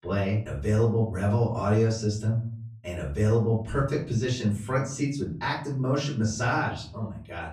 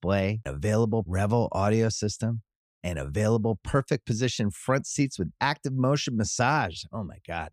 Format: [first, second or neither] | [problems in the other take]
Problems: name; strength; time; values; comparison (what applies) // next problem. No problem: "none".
second | off-mic speech; far // room echo; slight; dies away in 0.5 s